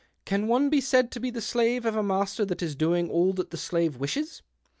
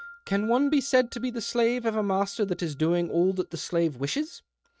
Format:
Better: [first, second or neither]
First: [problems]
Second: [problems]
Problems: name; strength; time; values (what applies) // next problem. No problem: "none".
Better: first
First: none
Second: noise reduction (neural mask model RNNoise)